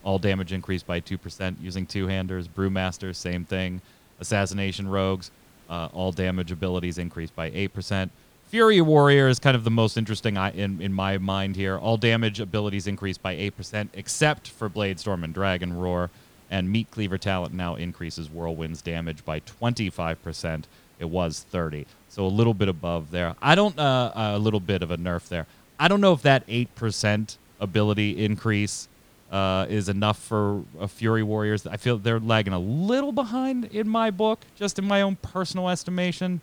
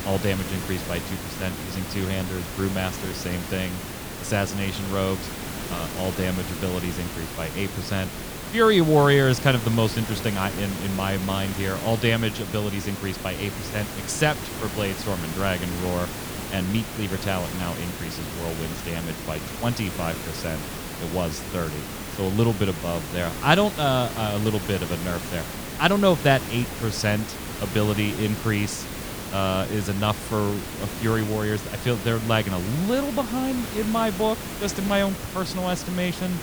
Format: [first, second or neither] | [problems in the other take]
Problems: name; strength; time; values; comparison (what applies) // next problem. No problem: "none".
first | hiss; loud; throughout; 7 dB below the speech; faint in the first